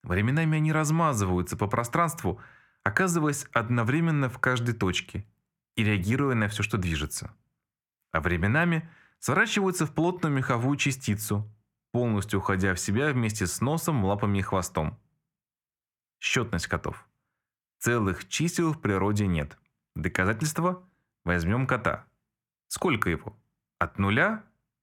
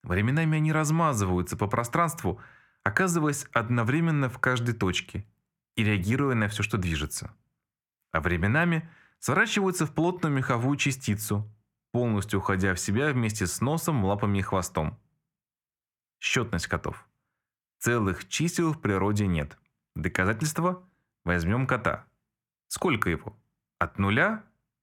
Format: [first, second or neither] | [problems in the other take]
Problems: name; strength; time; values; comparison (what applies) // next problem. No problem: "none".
neither | none